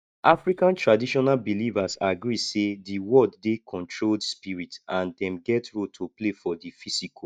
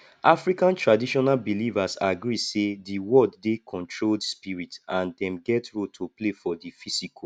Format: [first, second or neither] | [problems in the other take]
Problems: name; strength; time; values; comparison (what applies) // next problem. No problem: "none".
second | noise reduction (neural mask model DeepFilterNet 3)